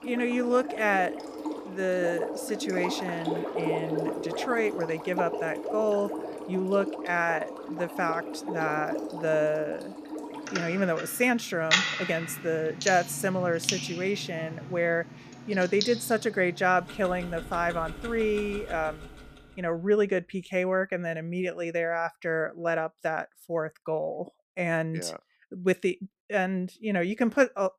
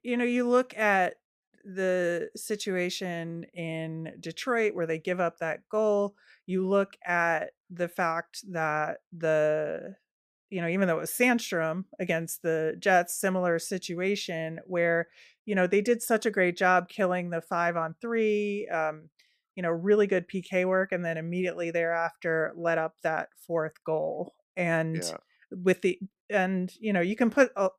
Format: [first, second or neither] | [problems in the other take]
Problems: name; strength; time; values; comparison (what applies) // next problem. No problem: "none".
second | household noises; loud; until 19 s; 5 dB below the speech